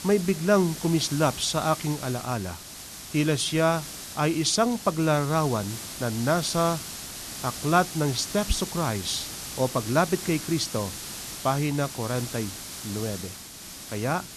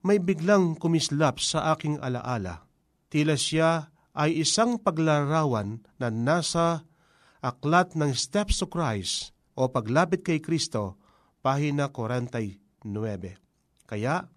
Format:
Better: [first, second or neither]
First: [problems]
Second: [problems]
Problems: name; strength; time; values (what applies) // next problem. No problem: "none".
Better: second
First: hiss; loud; throughout; 10 dB below the speech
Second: none